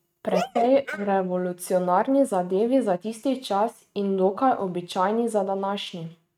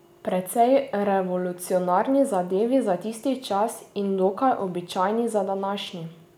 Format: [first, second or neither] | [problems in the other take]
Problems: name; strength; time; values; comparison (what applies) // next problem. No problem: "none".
second | noise reduction (neural mask model RNNoise)